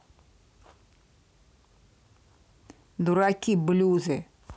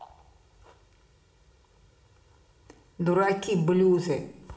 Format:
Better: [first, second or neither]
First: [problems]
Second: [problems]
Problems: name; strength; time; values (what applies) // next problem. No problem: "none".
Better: first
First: none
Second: room echo; dies away in 1.3 s